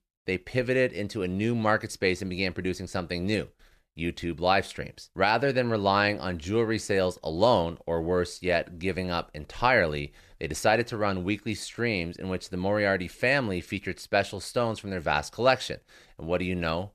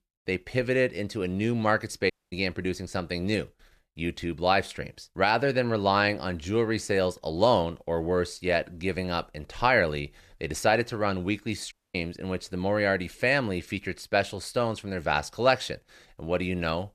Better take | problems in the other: first | audio cutting out; at 2 s and at 12 s

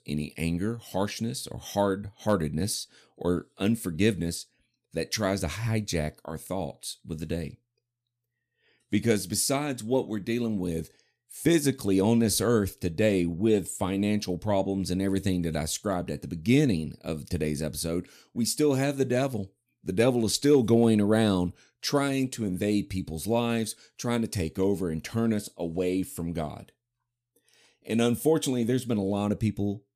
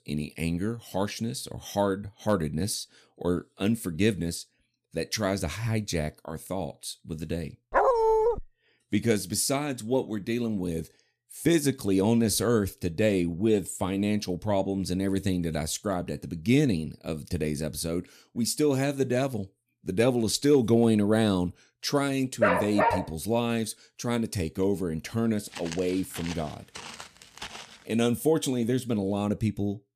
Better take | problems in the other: first | dog barking; loud; at 7.5 s and at 22 s; peak 6 dB above the speech // footsteps; faint; from 26 to 28 s; peak 10 dB below the speech

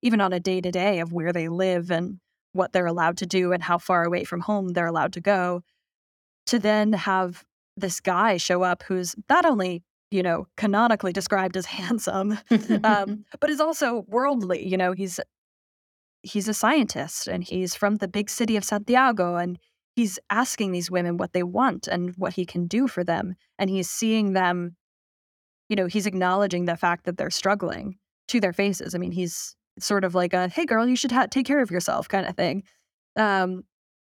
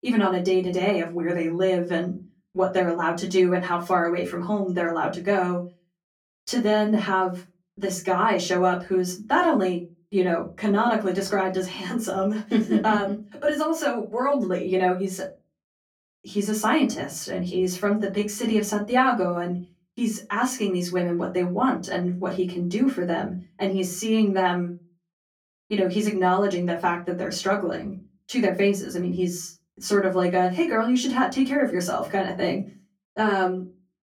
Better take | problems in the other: first | off-mic speech; far // room echo; very slight; dies away in 0.2 s

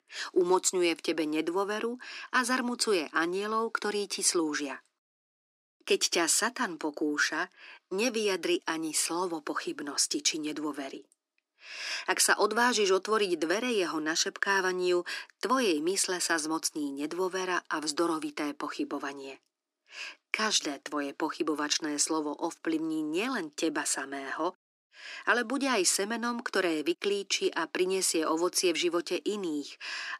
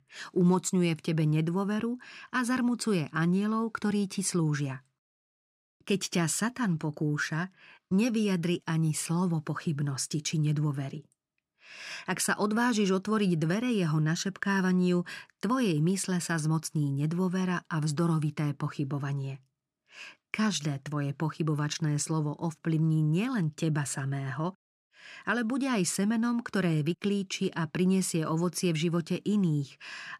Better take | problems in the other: second | thin; very; fading below 300 Hz

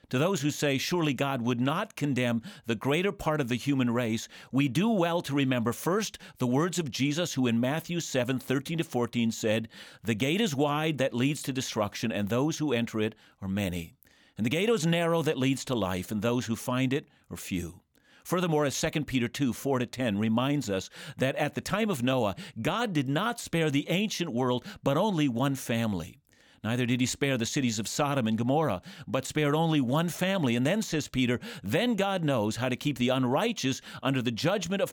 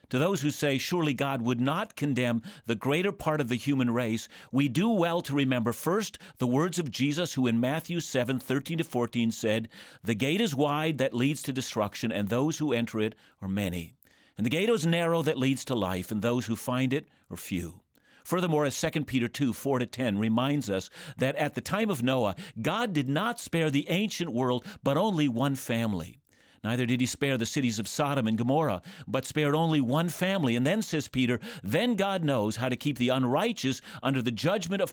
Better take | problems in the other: first | garbled, watery; slightly; nothing above 19.5 kHz

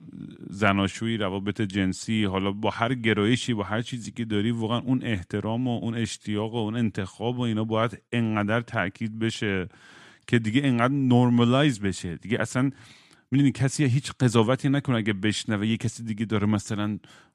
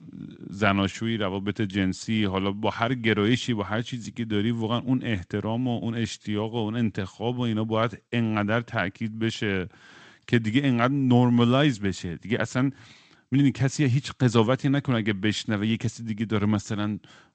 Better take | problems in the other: first | garbled, watery; slightly; nothing above 8 kHz

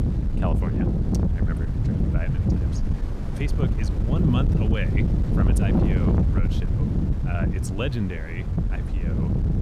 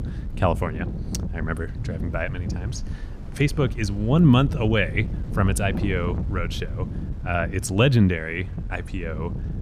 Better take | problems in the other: second | wind noise on the microphone; heavy; 2 dB above the speech; occasional gusts in the second

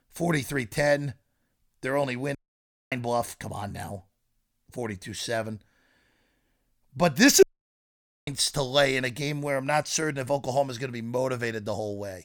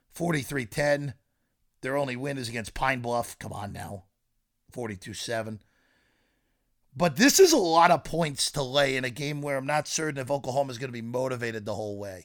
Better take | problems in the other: second | audio cutting out; at 2.5 s for 0.5 s and at 7.5 s for 1 s

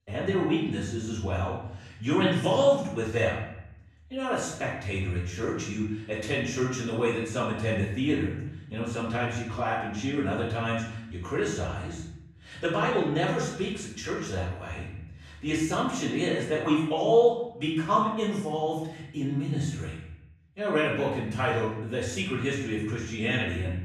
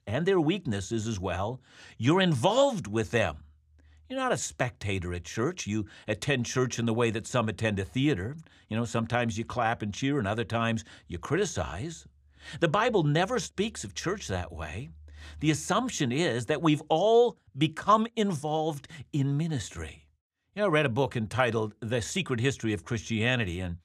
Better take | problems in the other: second | off-mic speech; far // room echo; noticeable; dies away in 0.8 s

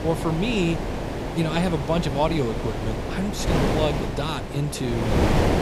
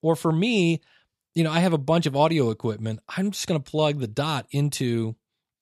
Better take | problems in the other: second | wind noise on the microphone; heavy; 1 dB below the speech

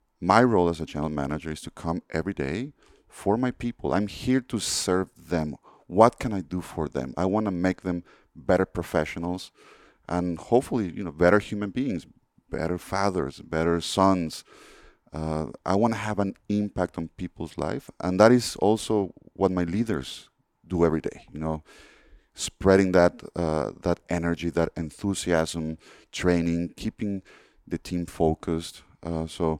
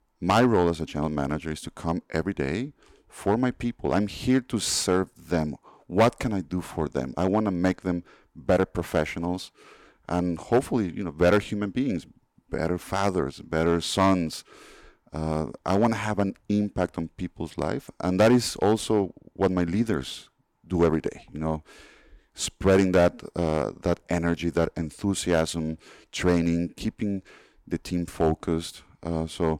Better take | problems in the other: first | distortion; slight; 1.5% of the sound clipped

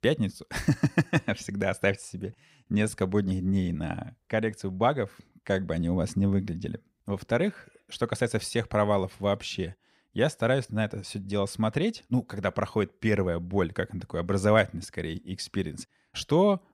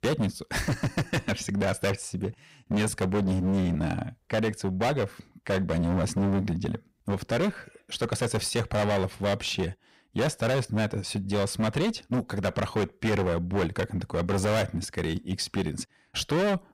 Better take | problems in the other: first | distortion; heavy; 20% of the sound clipped

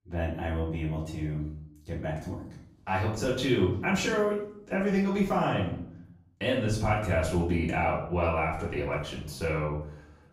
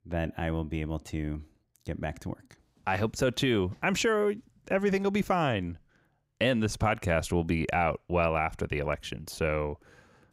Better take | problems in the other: second | off-mic speech; far // room echo; noticeable; dies away in 0.6 s

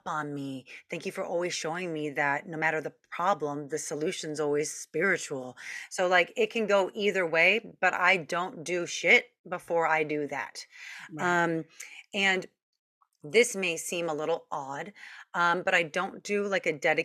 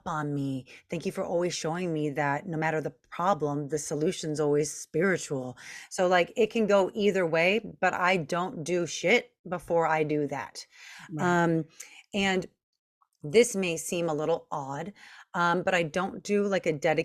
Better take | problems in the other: second | thin; very slightly; fading below 650 Hz

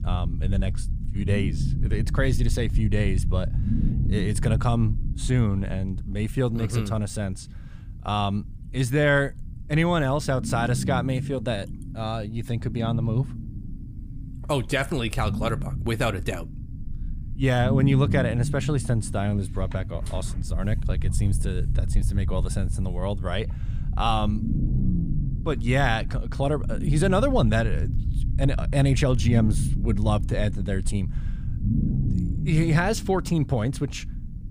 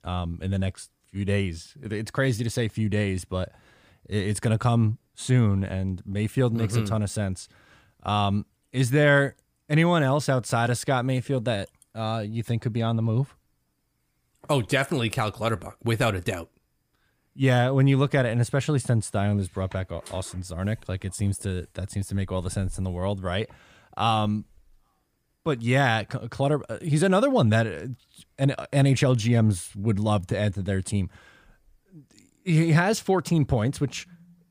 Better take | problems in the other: second | low rumble; noticeable; throughout; 10 dB below the speech

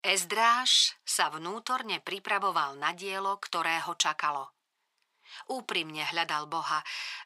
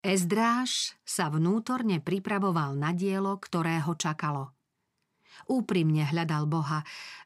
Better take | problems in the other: second | thin; very; fading below 750 Hz

